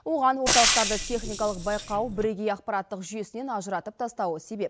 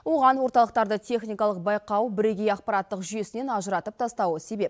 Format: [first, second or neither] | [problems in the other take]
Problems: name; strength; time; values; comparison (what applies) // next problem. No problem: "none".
second | background sound (Frying (food)); 1 dB above the speech